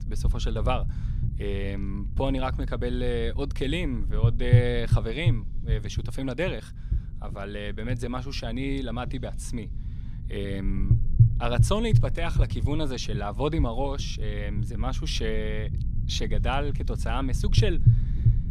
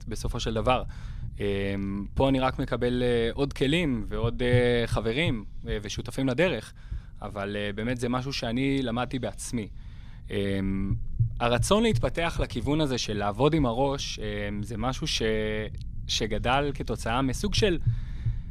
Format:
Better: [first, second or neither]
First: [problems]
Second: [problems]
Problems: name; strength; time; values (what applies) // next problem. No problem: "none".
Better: second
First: low rumble; loud; throughout; 10 dB below the speech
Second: low rumble; faint; throughout; 25 dB below the speech